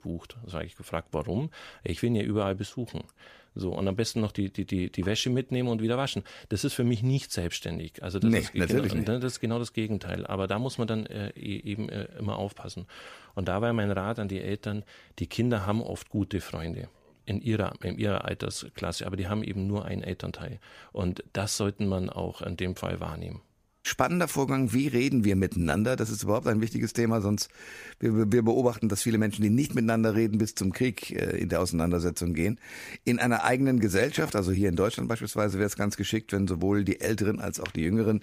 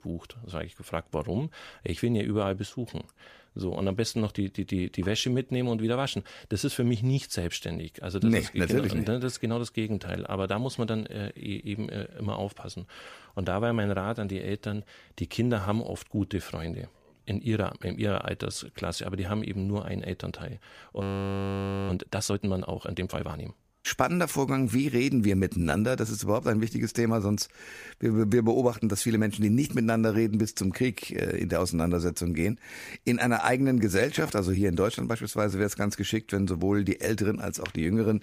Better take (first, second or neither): first